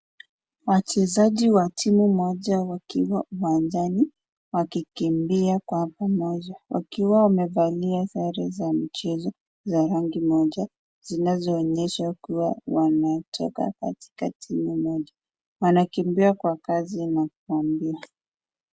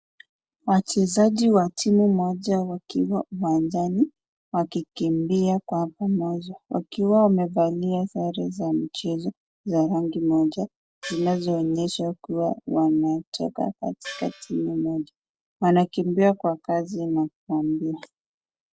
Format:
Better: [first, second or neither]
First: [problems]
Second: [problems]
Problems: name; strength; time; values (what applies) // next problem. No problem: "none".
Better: first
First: none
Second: noise reduction (neural separator model SepFormer DNS4)